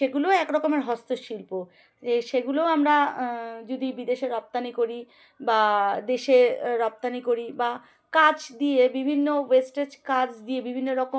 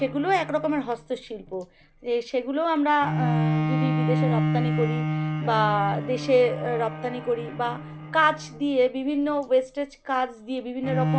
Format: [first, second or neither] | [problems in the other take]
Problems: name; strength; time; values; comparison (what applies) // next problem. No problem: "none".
first | background sound (Bowed string instrument); 3 dB below the speech